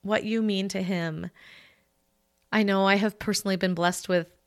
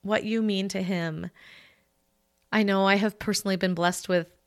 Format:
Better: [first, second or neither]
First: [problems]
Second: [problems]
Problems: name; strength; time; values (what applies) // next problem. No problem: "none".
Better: neither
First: none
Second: none